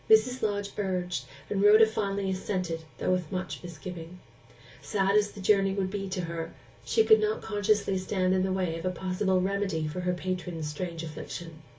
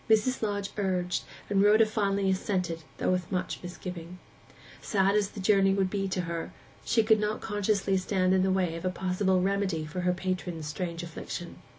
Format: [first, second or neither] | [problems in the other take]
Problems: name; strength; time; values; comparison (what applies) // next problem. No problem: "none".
second | room echo; dies away in 0.2 s